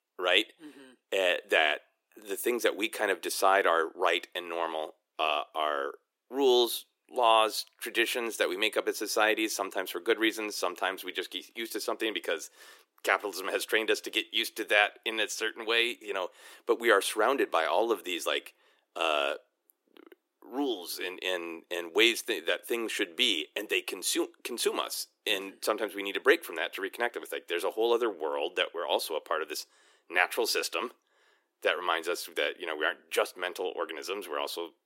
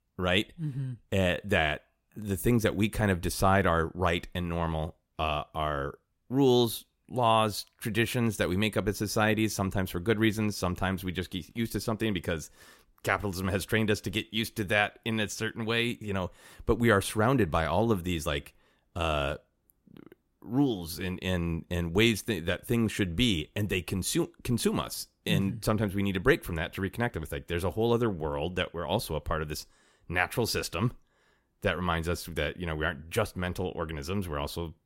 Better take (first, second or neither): second